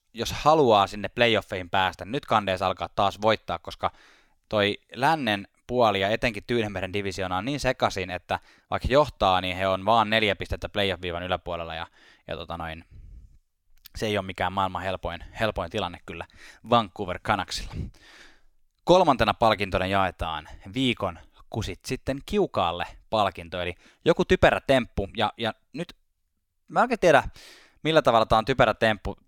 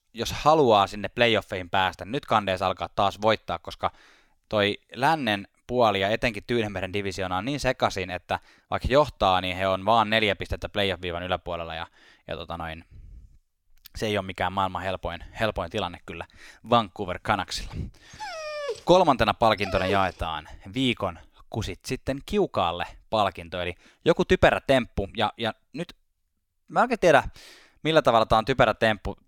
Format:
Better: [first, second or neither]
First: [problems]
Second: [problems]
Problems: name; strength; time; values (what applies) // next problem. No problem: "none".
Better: first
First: none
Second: dog barking; noticeable; from 18 to 20 s; peak 7 dB below the speech